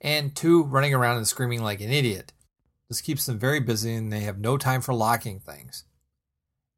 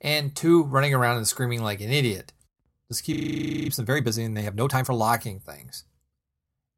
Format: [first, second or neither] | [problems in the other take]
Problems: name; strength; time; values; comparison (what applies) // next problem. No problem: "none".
first | audio freezing; at 3 s for 0.5 s